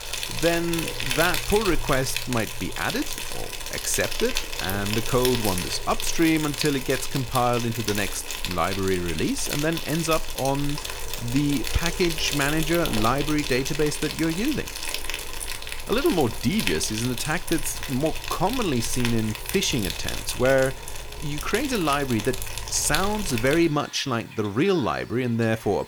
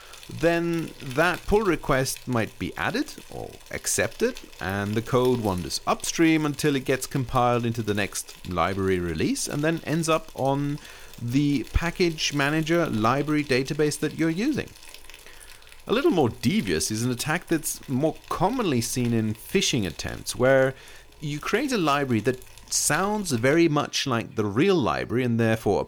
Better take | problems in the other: second | animal sounds; loud; throughout; 5 dB below the speech; faint in the second

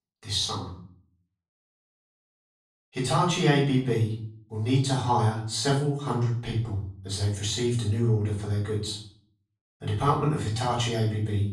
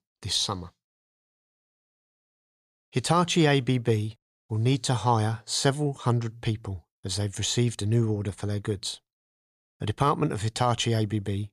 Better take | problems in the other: second | off-mic speech; far // room echo; noticeable; dies away in 0.5 s

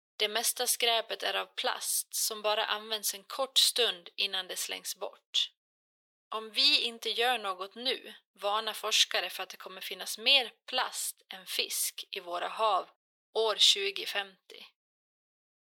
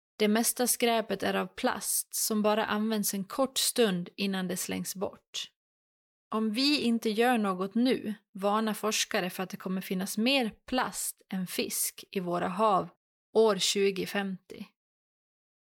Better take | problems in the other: second | thin; very; fading below 500 Hz

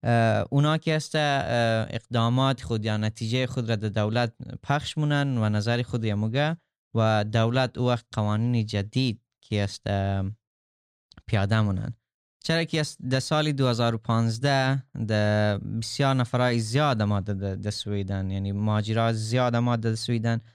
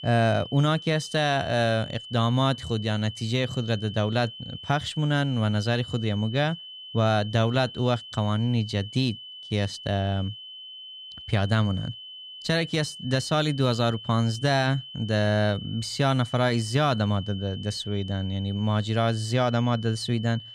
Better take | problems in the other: first | high-pitched whine; noticeable; throughout; 3 kHz, 15 dB below the speech

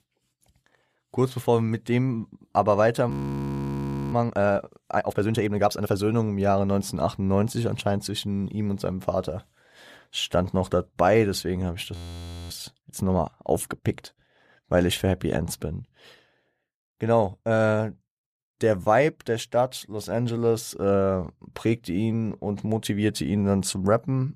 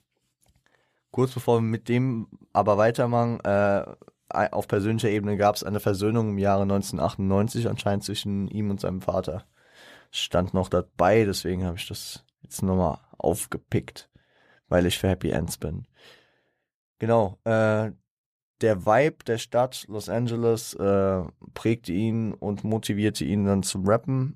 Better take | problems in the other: second | audio freezing; at 3 s for 1 s and at 12 s for 0.5 s

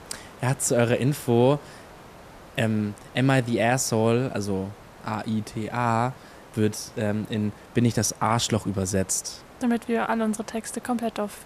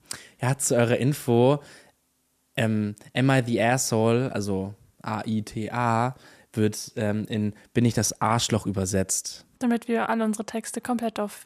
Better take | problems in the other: second | hiss; faint; throughout; 20 dB below the speech

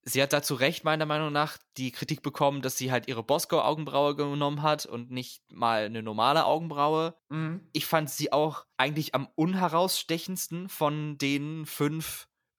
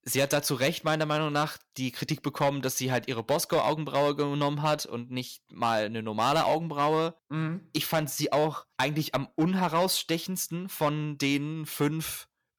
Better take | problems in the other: first | distortion; slight; 3% of the sound clipped

